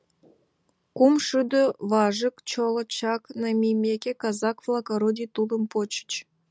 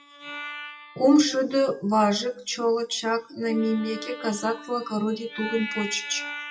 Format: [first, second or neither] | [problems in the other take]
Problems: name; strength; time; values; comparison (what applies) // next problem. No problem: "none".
first | noise reduction (classical method WPE with log-MMSE)